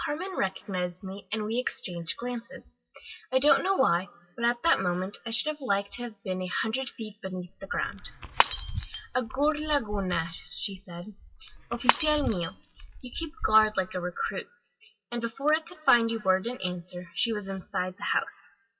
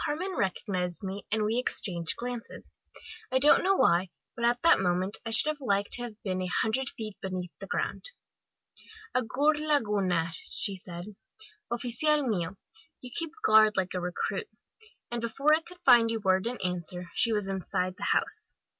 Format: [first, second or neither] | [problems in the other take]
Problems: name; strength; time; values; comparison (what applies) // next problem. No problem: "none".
second | noise reduction (classical method WPE with log-MMSE)